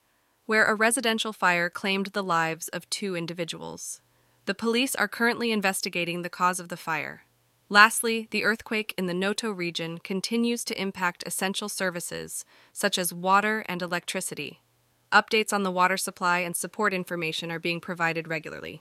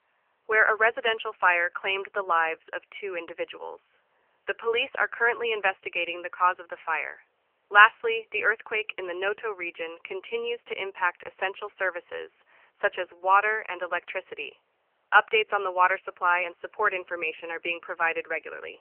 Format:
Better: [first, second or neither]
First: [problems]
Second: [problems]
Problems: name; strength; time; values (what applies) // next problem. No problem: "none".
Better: first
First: none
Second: phone-call audio; nothing above 3 kHz